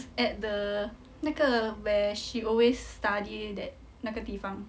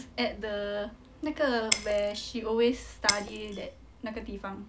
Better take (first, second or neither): first